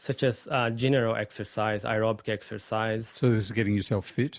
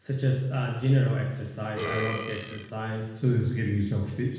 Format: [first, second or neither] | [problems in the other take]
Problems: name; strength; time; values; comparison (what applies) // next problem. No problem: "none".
first | background sound (Burping, eructation); 9 dB below the speech // room echo; dies away in 1.1 s